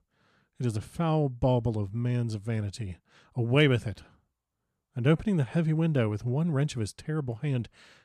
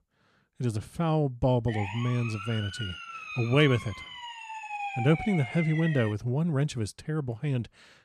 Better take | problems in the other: first | siren; noticeable; from 1.5 to 6 s; peak 6 dB below the speech

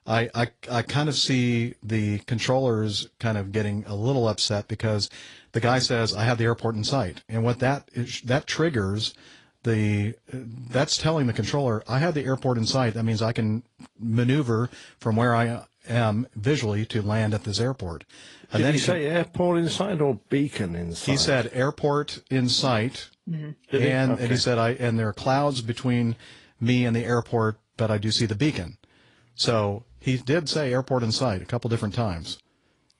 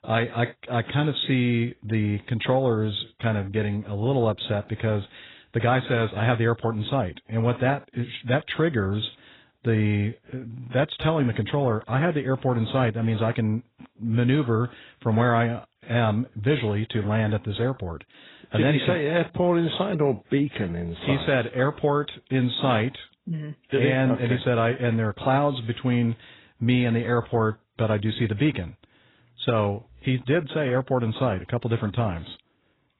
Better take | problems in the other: first | garbled, watery; badly; nothing above 4 kHz; slightly in the first

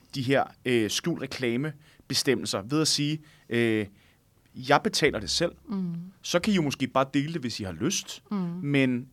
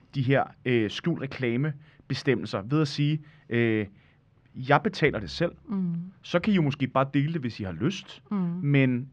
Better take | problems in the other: first | muffled; slightly; fading above 2.5 kHz

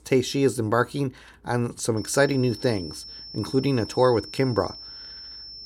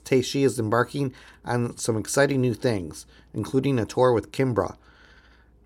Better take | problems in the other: second | high-pitched whine; noticeable; from 2 s on; 5.5 kHz, 15 dB below the speech

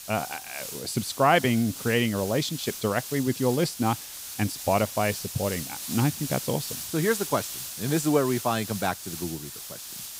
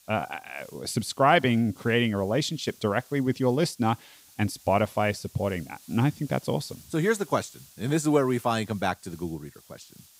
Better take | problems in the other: second | hiss; loud; throughout; 8 dB below the speech; faint in the second

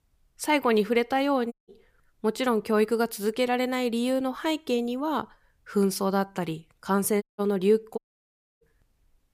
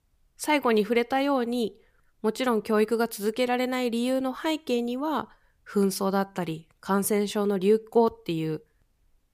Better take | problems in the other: second | audio cutting out; at 1.5 s, at 7 s and at 8 s for 0.5 s

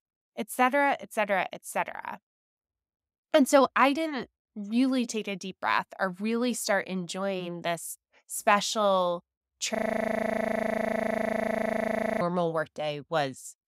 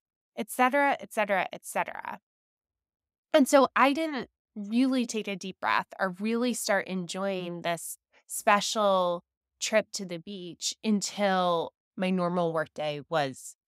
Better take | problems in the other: second | audio freezing; at 10 s for 2.5 s

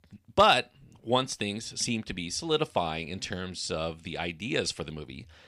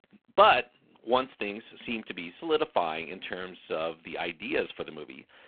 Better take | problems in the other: first | phone-call audio; poor line

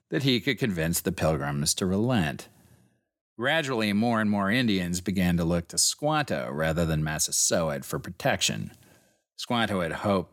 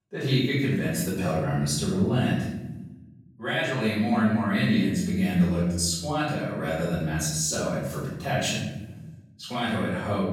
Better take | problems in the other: first | off-mic speech; far // room echo; strong; dies away in 1 s

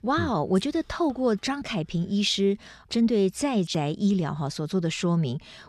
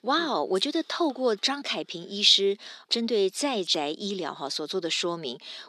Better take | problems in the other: first | thin; somewhat; fading below 300 Hz

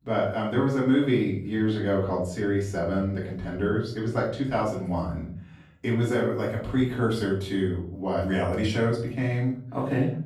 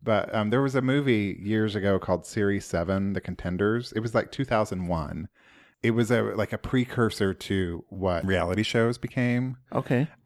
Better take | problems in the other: second | off-mic speech; far // room echo; noticeable; dies away in 0.5 s

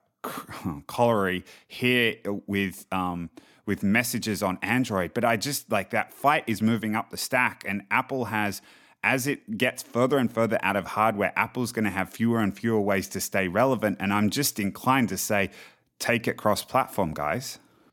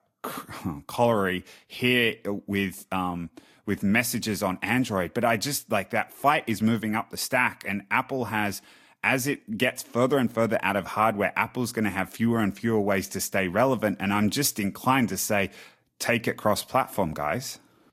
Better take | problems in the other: first | garbled, watery; slightly; nothing above 14.5 kHz

